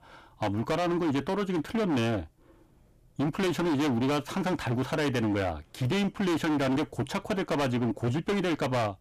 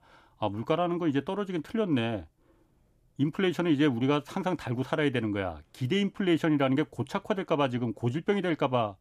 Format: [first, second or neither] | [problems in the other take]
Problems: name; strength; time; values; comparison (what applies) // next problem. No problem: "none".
second | distortion; heavy; 27% of the sound clipped